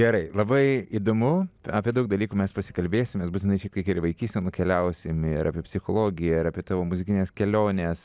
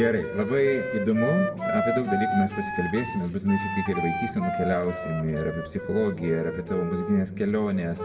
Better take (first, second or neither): first